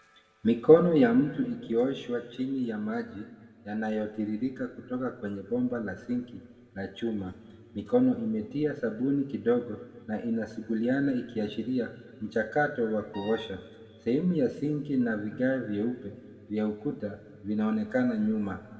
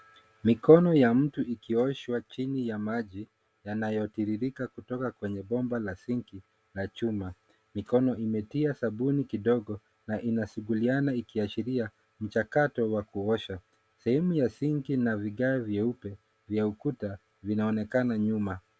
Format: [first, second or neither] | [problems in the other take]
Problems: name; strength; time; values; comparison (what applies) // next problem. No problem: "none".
second | background sound (Wind instrument, woodwind instrument); 18 dB below the speech // room echo; dies away in 1.7 s